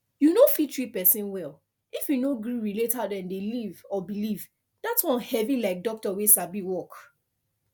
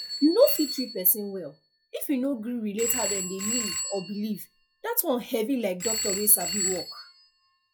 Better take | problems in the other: first | noise reduction (classical method log-MMSE)

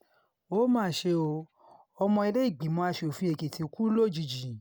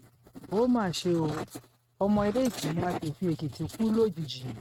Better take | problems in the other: first | noise reduction (neural mask model RNNoise)

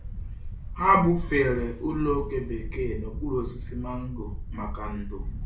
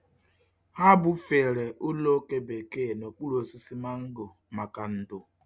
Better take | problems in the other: second | background sound (Wind); 5 dB below the speech // room echo; dies away in 0.4 s

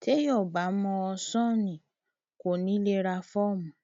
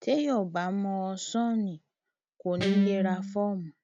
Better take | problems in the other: first | background sound (Guitar); 2 dB above the speech

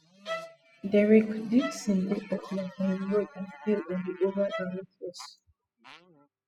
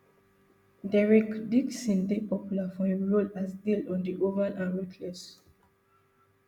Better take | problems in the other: second | noise reduction (classical method spectral subtraction)

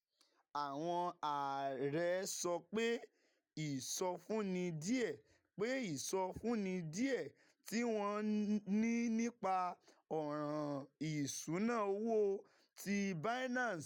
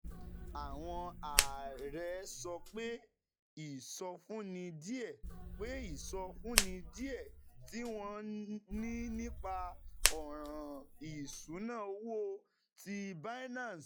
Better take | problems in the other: first | noise reduction (classical method log-MMSE)

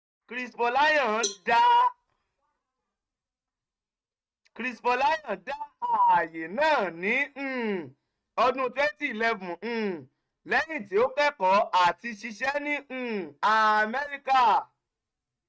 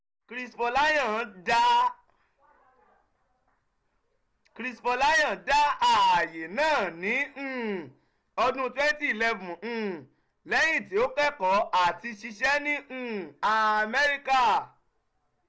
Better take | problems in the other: second | noise reduction (neural mask model RNNoise)

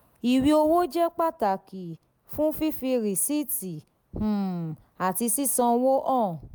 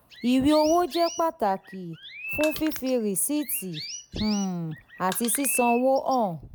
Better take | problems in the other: first | background sound (Crushing + Chirp, tweet); 14 dB below the speech

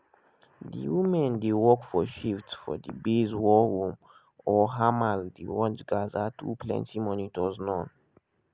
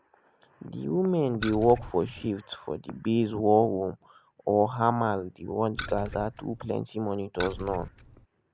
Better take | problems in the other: first | background sound (Keys jangling); 11 dB below the speech

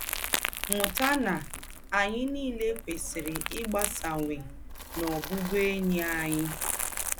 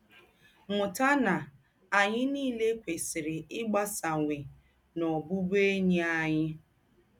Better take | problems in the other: second | background sound (Crumpling, crinkling); 4 dB below the speech

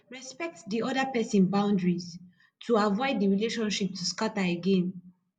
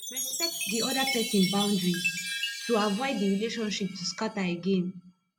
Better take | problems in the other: first | background sound (Chime); 5 dB below the speech

